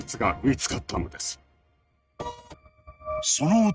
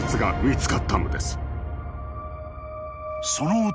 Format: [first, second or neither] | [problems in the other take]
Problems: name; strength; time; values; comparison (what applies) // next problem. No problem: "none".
second | noise reduction (neural mask model RNNoise)